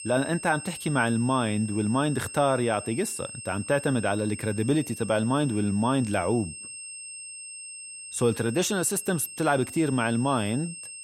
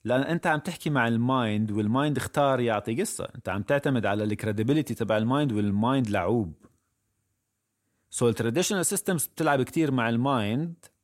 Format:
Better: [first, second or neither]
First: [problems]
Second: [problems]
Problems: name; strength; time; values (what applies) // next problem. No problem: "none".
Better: second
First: high-pitched whine; noticeable; throughout; 8.5 kHz, 10 dB below the speech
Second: none